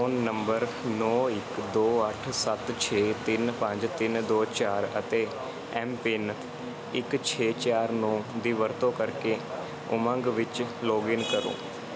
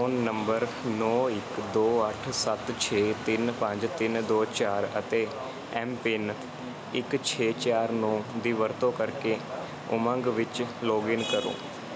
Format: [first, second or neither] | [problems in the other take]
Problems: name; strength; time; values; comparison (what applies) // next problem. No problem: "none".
second | background sound (Wind instrument, woodwind instrument); 17 dB below the speech